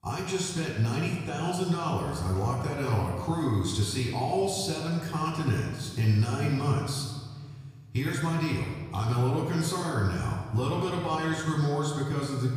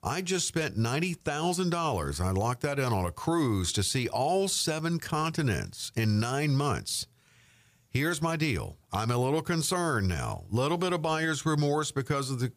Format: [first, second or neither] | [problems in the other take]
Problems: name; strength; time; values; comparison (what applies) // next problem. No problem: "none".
second | off-mic speech; far // room echo; noticeable; dies away in 1.5 s